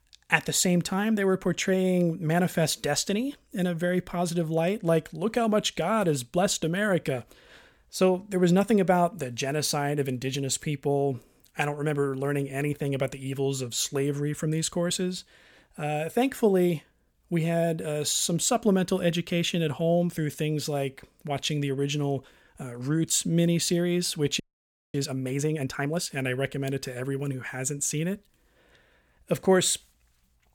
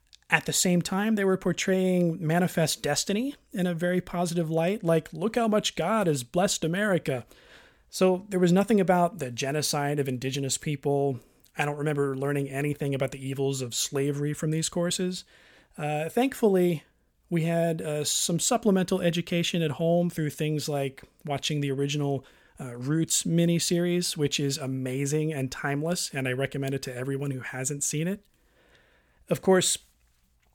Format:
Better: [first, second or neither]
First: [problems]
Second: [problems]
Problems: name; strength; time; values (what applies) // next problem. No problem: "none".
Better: second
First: audio freezing; at 24 s for 0.5 s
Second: none